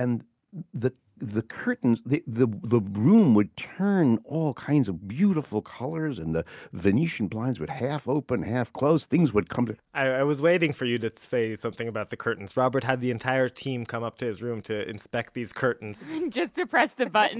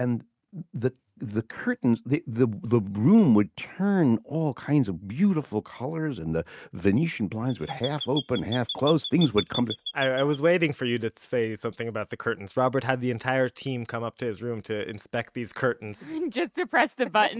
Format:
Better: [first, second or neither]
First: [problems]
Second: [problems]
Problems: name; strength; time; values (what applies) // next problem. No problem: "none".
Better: first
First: none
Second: noise reduction (neural mask model RNNoise)